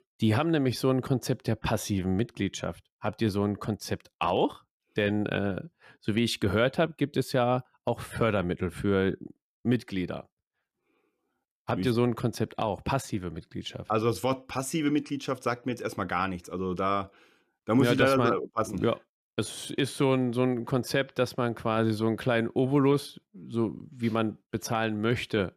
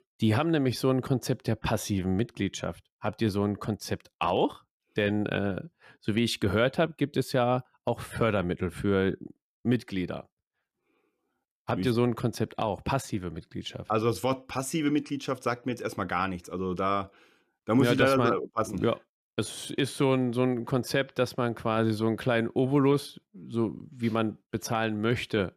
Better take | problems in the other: neither | none

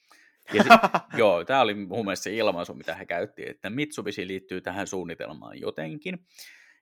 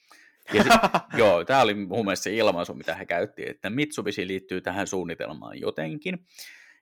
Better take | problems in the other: first | distortion; heavy; 1.8% of the sound clipped

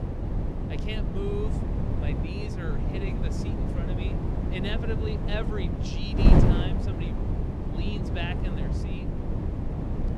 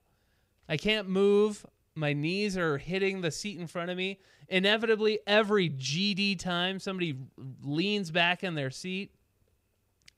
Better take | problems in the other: second | wind noise on the microphone; heavy; 2 dB above the speech

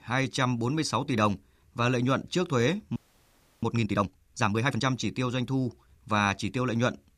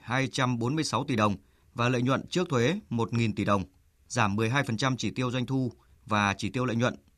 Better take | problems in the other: second | audio freezing; at 3 s for 0.5 s

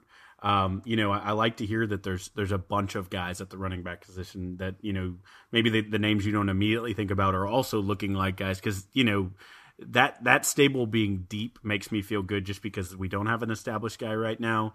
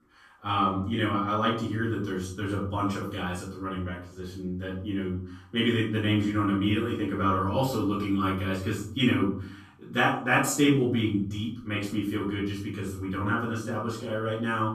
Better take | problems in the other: first | off-mic speech; far // room echo; noticeable; dies away in 0.5 s

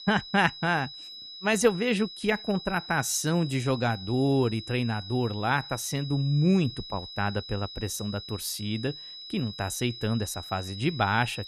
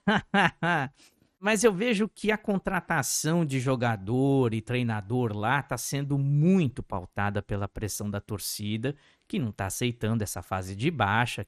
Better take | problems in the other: second | high-pitched whine; noticeable; throughout; 4 kHz, 10 dB below the speech

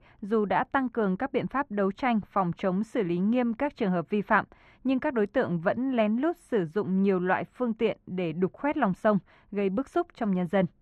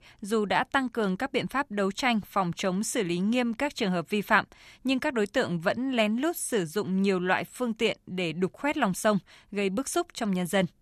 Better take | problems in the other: second | muffled; very; fading above 3.5 kHz

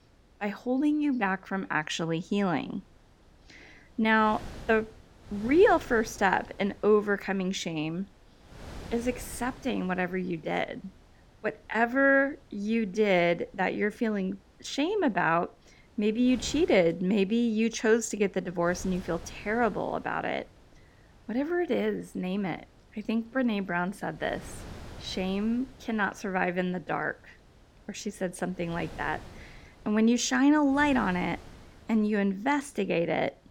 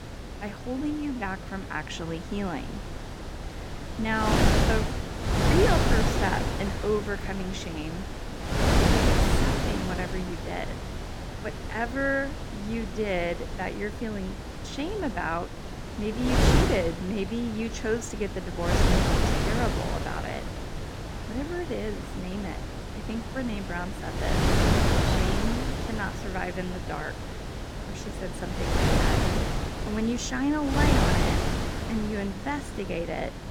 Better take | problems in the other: first | wind noise on the microphone; heavy; 1 dB above the speech; occasional gusts in the first

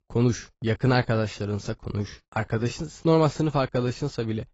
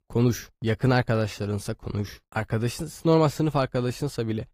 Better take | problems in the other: second | garbled, watery; badly; nothing above 7.5 kHz; slightly in the second

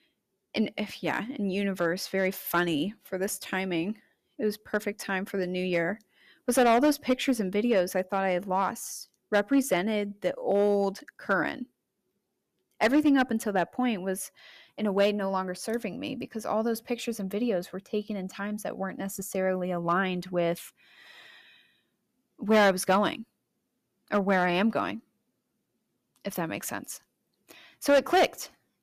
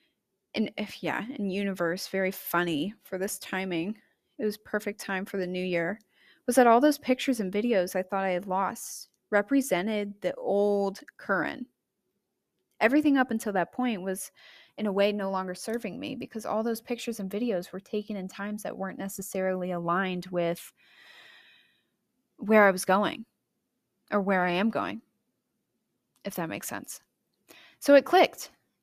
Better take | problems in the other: second | distortion; slight; 1.5% of the sound clipped

